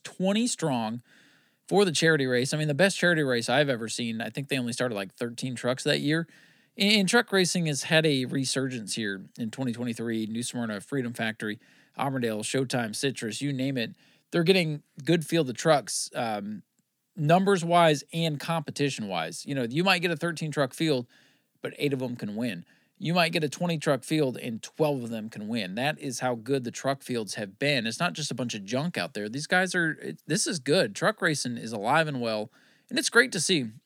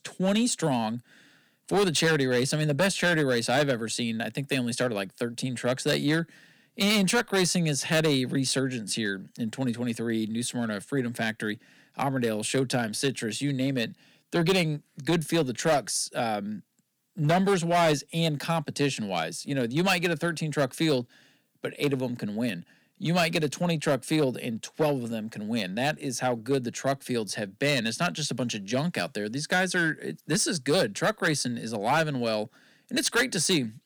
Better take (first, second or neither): first